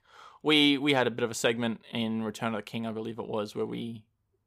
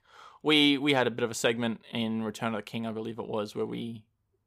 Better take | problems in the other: neither | none

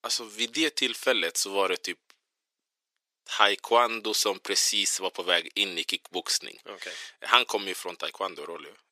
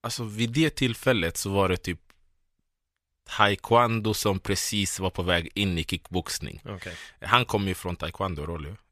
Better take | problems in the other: second | thin; very; fading below 350 Hz

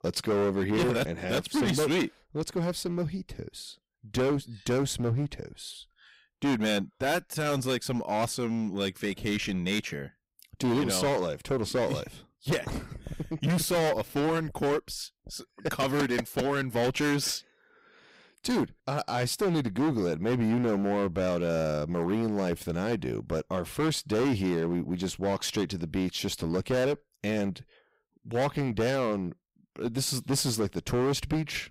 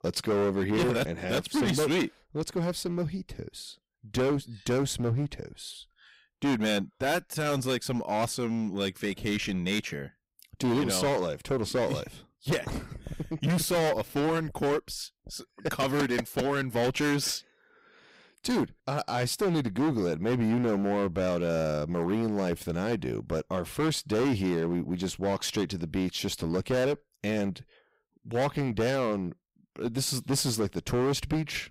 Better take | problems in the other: neither | distortion; heavy; 14% of the sound clipped; the same in both

